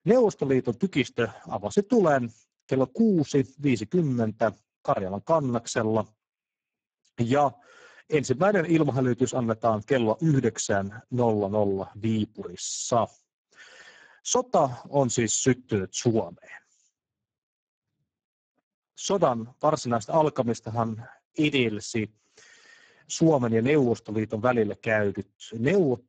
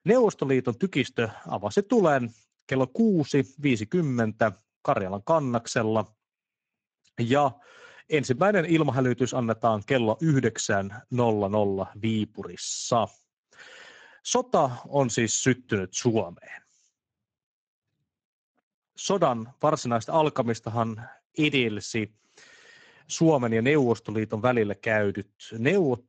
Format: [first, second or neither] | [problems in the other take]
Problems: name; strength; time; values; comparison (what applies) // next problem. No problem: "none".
second | garbled, watery; badly; nothing above 7.5 kHz; slightly in the second